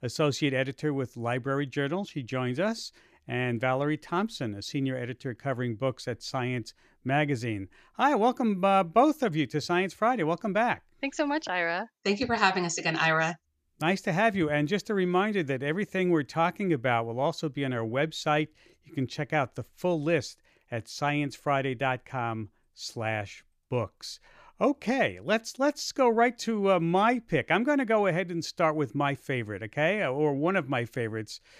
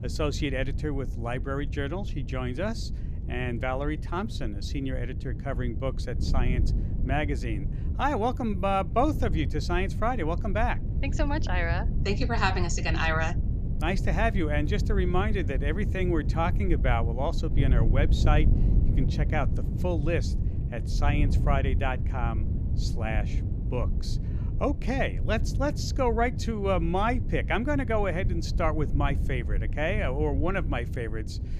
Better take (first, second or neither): first